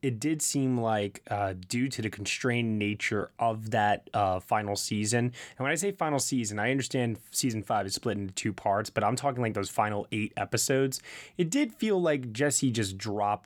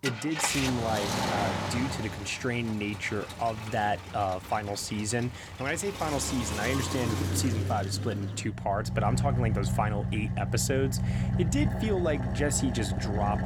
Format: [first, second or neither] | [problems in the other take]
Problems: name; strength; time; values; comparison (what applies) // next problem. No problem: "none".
first | traffic noise; loud; throughout; 1 dB below the speech